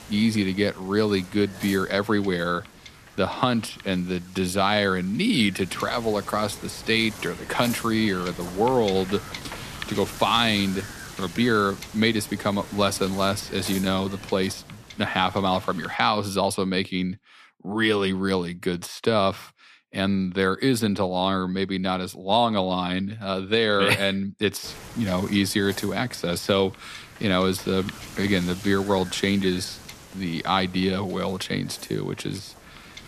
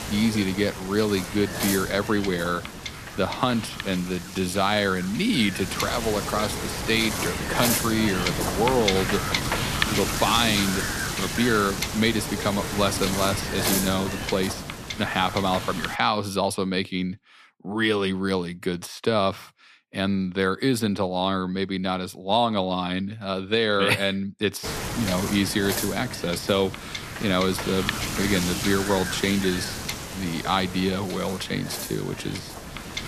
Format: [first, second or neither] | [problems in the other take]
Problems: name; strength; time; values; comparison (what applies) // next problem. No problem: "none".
first | wind noise on the microphone; heavy; until 16 s and from 25 s on; 4 dB below the speech; occasional gusts in the first